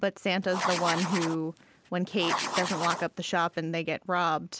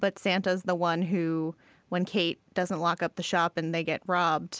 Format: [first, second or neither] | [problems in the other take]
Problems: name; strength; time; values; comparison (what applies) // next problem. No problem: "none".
second | background sound (Writing); 4 dB below the speech